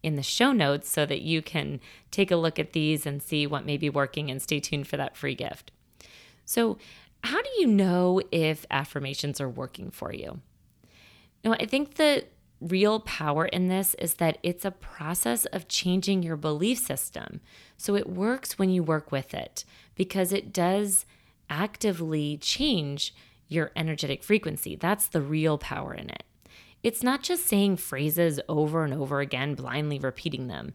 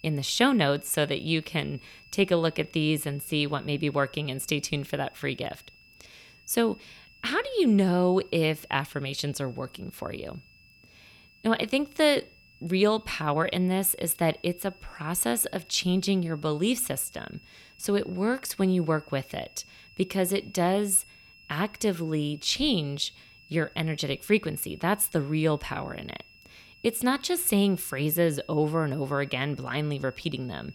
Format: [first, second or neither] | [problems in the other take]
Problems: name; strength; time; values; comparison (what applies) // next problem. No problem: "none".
first | high-pitched whine; faint; throughout; 2.5 kHz, 25 dB below the speech